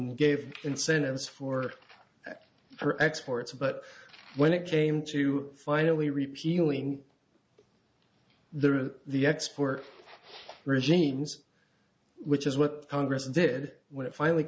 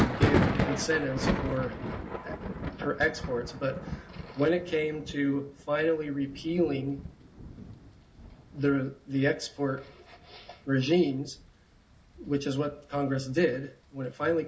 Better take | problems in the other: first | background sound (Thunder); 5 dB below the speech // room echo; dies away in 0.4 s

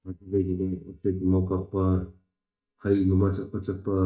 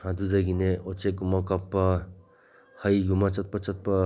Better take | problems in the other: second | noise reduction (neural mask model DeepFilterNet 3)

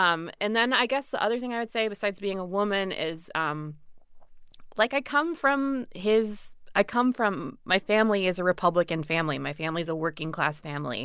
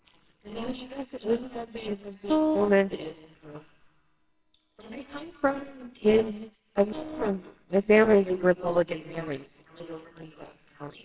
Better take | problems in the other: first | noise reduction (neural separator model SepFormer WHAMR!)

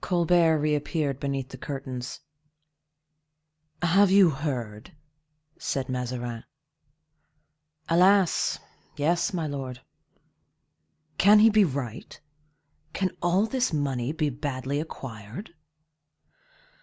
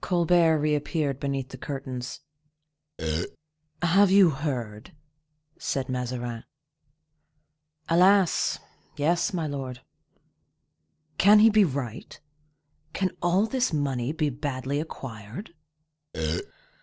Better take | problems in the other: first | noise reduction (neural separator model SepFormer DNS4)

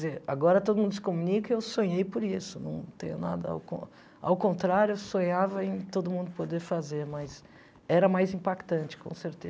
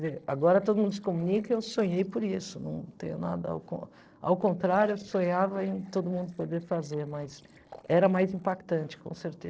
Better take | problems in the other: first | noise reduction (neural separator model SepFormer DNS4)

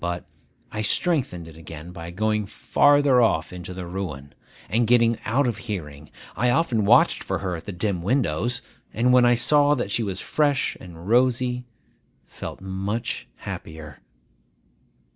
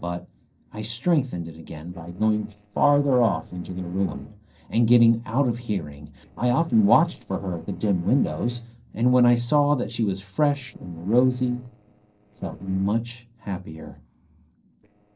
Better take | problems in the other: first | noise reduction (neural separator model SepFormer DNS4)

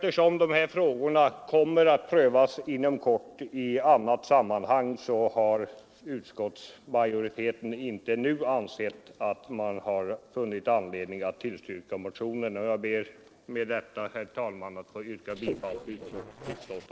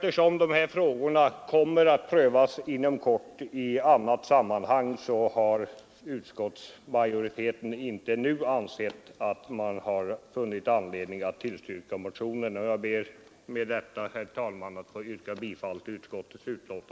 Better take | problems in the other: second | noise reduction (neural separator model SepFormer DNS4)

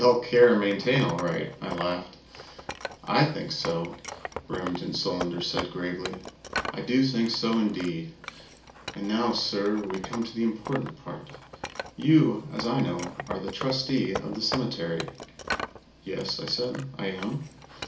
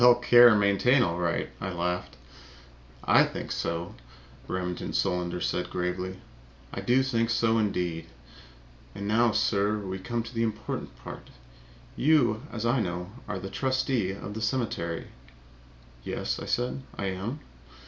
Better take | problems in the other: second | background sound (Wood); 12 dB below the speech // room echo; dies away in 0.4 s

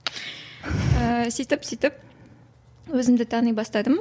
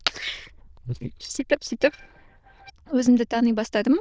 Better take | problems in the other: first | noise reduction (neural diffusion model UNIVERSE++)

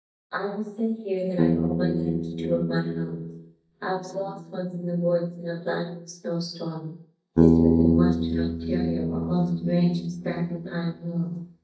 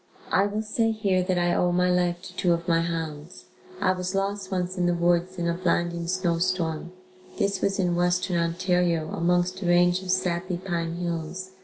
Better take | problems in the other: second | noise reduction (neural mask model DeepFilterNet 3)

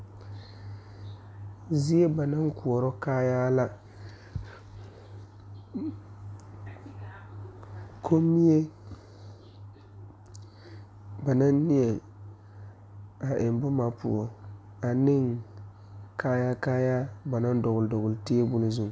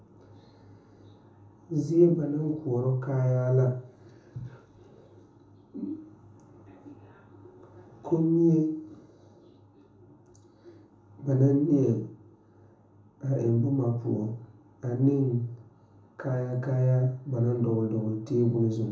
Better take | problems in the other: first | room echo; dies away in 0.6 s

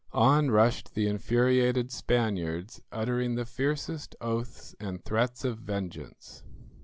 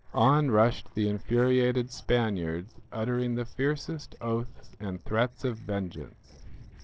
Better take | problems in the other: first | noise reduction (neural separator model SepFormer DNS4)

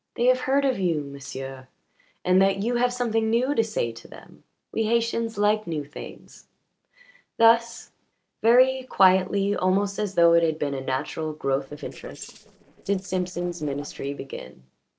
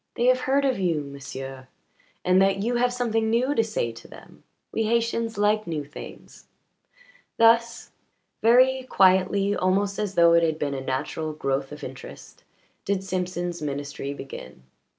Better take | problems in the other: second | noise reduction (neural separator model SepFormer DNS4)

